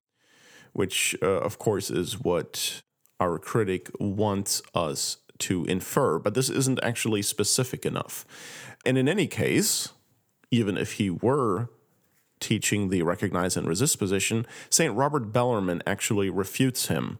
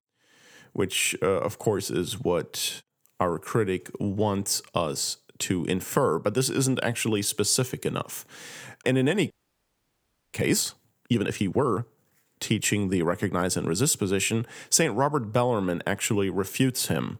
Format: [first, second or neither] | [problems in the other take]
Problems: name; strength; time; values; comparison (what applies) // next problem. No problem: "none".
first | audio freezing; at 9.5 s for 1 s